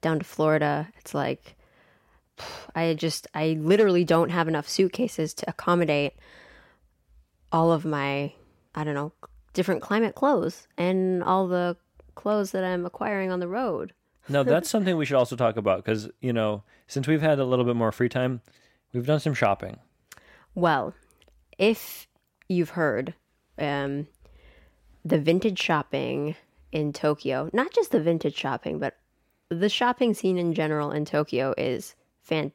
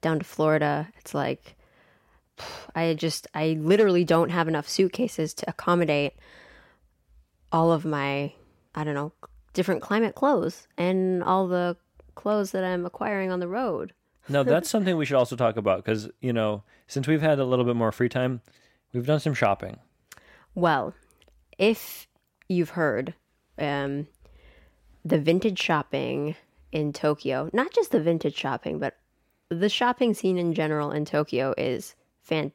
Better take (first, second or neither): neither